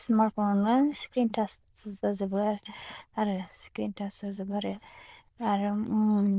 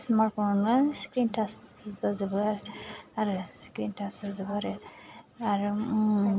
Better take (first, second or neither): second